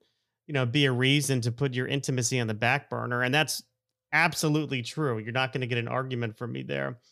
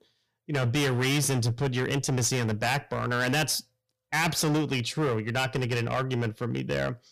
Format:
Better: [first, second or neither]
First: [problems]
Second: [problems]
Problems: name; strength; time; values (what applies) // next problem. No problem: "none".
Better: first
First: none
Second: distortion; heavy; 15% of the sound clipped